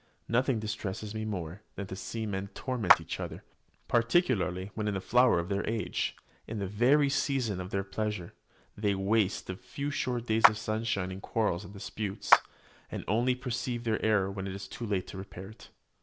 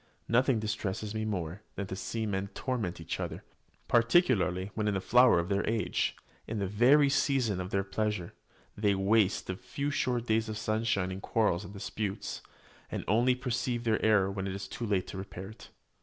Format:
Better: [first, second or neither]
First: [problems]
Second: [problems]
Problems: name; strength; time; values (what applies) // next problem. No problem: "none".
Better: second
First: background sound (Clapping); 1 dB below the speech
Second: none